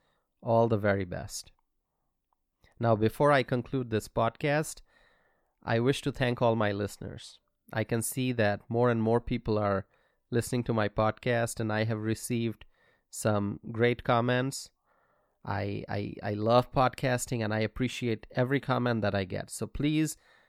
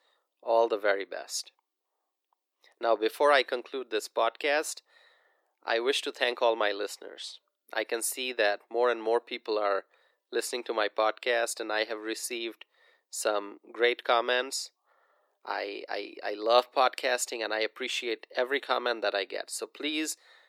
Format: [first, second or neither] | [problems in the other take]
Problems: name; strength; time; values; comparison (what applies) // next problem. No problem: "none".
first | thin; very; fading below 350 Hz